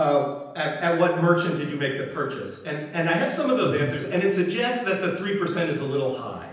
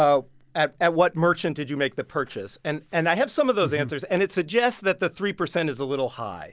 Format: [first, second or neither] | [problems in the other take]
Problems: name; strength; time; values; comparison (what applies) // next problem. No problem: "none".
second | room echo; dies away in 0.9 s